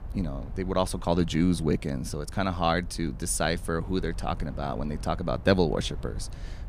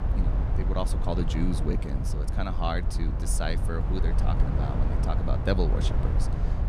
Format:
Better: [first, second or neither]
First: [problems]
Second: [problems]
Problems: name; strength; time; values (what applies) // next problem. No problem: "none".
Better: first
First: low rumble; faint; throughout; 25 dB below the speech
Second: low rumble; loud; throughout; 5 dB below the speech